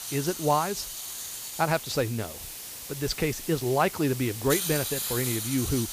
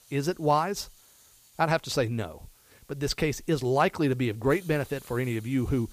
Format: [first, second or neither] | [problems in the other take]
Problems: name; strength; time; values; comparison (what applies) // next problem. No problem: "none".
second | hiss; loud; throughout; 5 dB below the speech; faint in the second